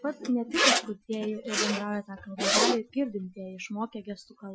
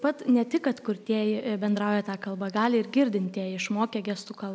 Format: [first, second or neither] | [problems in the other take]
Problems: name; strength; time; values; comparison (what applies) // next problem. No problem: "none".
second | noise reduction (classical method Wiener filter)